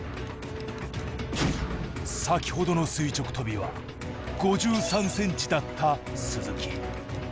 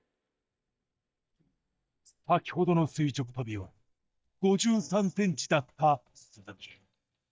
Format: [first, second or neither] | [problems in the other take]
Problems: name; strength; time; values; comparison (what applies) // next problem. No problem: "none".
first | noise reduction (neural mask model DeepFilterNet 3)